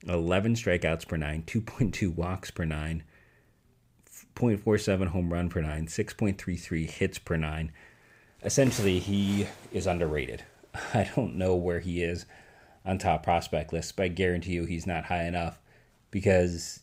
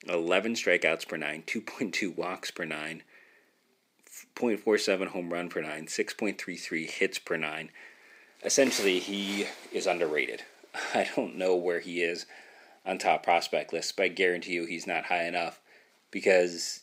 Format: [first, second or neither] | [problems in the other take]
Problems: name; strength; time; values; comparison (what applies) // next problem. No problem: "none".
first | thin; somewhat; fading below 250 Hz